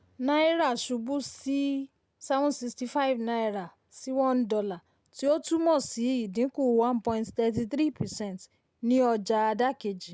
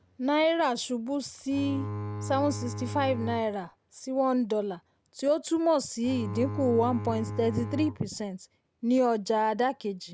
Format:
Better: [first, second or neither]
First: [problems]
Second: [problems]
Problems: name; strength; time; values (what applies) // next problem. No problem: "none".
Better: first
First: none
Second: background sound (Bowed string instrument); 7 dB below the speech